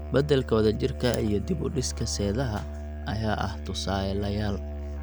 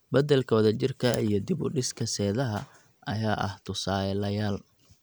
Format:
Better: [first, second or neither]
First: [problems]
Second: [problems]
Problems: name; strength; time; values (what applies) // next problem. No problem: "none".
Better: second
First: background sound (Musical instrument); 7 dB below the speech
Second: none